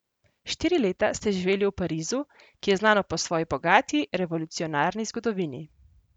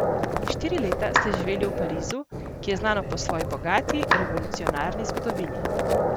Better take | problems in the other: first | background sound (Clapping + Livestock, farm animals, working animals); 3 dB above the speech

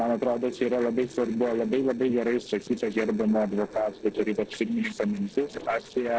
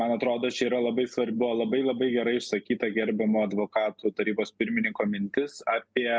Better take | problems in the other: second | noise reduction (neural separator model SepFormer DNS4)

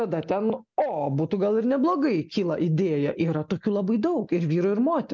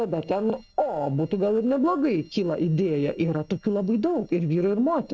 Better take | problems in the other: first | noise reduction (neural separator model SepFormer DNS4)

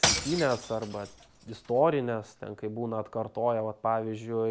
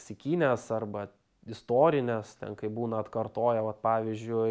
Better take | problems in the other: second | background sound (Shatter / Crushing); 4 dB below the speech

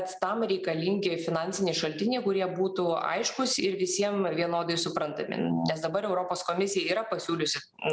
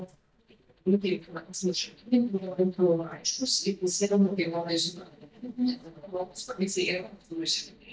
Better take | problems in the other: first | noise reduction (neural mask model DeepFilterNet 3)

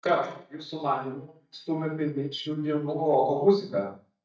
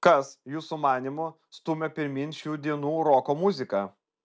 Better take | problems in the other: second | noise reduction (neural mask model DeepFilterNet 3)

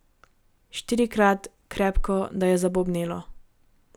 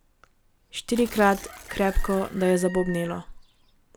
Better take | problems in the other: first | background sound (Tearing + Chicken, rooster); 16 dB below the speech

